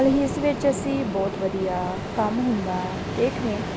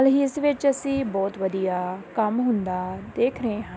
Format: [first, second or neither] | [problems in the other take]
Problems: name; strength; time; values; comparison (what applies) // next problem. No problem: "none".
second | background sound (Ocean); 6 dB below the speech